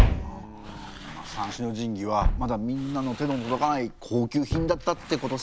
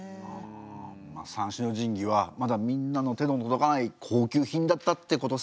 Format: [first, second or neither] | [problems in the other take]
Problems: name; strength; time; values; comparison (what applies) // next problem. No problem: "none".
second | background sound (Walk, footsteps); 1 dB below the speech